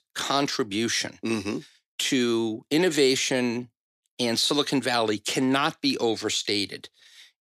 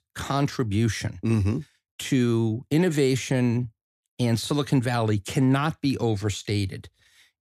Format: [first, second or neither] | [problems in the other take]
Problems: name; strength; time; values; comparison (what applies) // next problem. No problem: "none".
second | thin; somewhat; fading below 350 Hz